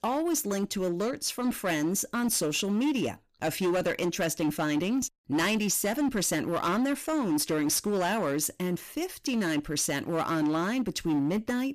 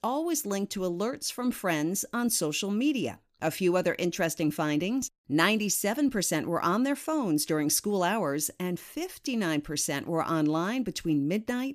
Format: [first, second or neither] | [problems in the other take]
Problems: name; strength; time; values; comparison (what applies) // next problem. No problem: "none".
second | distortion; slight; 14% of the sound clipped